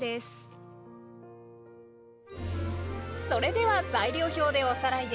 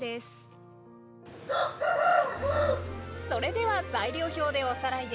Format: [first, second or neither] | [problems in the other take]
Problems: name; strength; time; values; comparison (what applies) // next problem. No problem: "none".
first | background sound (Chicken, rooster); 4 dB above the speech